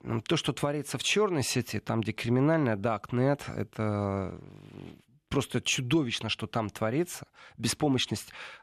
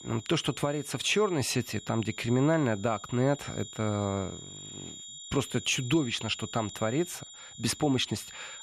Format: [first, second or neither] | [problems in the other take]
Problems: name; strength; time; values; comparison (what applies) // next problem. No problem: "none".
first | high-pitched whine; noticeable; throughout; 7 kHz, 15 dB below the speech